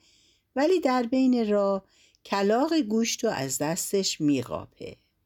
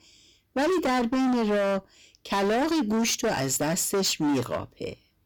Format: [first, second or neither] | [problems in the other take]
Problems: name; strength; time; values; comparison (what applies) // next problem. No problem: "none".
first | distortion; heavy; 26% of the sound clipped